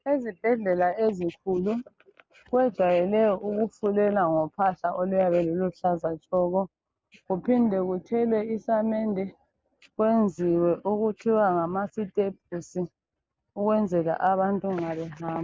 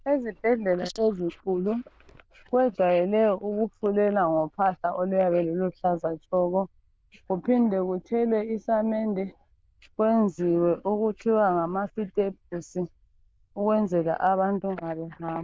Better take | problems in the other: first | noise reduction (neural diffusion model UNIVERSE++)

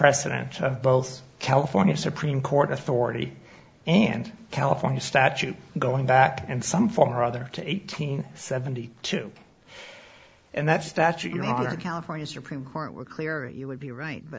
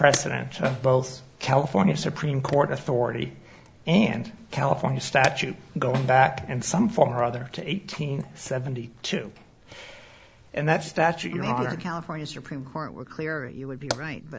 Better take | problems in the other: first | background sound (Fire + Snare drum); 16 dB below the speech

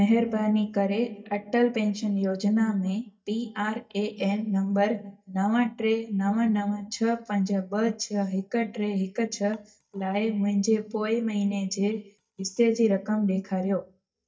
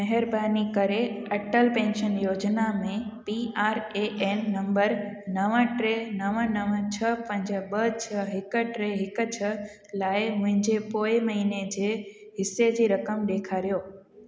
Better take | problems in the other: second | noise reduction (neural mask model DeepFilterNet 3)

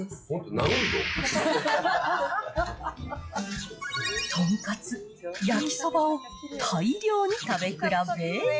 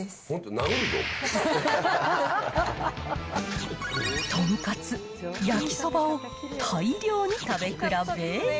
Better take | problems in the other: second | noise reduction (classical method log-MMSE)

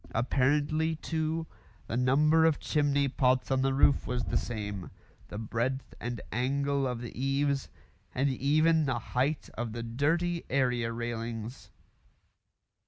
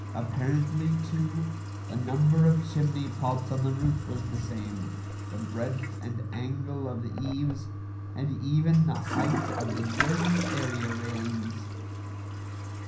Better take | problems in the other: first | background sound (Toilet flush); 5 dB below the speech // room echo; dies away in 0.6 s

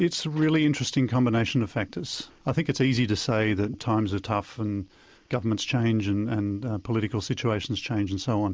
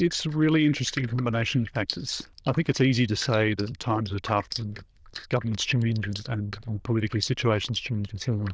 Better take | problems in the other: first | noise reduction (neural diffusion model UNIVERSE++)

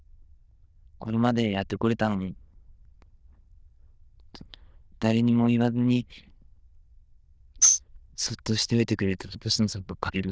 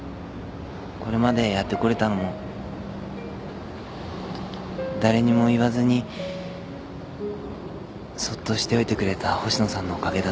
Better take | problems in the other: second | noise reduction (neural diffusion model UNIVERSE++)

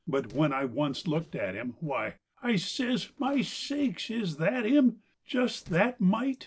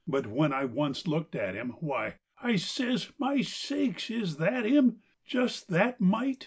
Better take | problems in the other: second | noise reduction (neural separator model SepFormer DNS4)

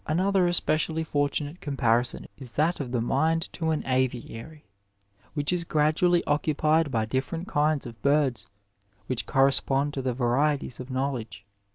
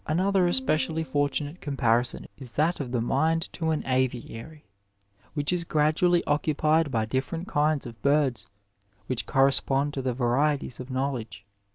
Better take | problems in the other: first | background sound (Piano); 17 dB below the speech

